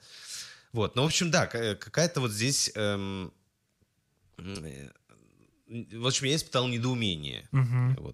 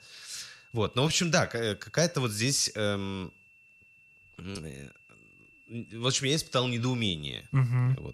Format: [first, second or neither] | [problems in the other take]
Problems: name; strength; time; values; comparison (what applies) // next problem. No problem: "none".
first | high-pitched whine; faint; throughout; 2.5 kHz, 30 dB below the speech